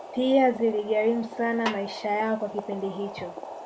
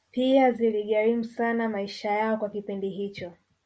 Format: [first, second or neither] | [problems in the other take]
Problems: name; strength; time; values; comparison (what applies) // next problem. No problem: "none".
second | background sound (Boiling + Snare drum); 11 dB below the speech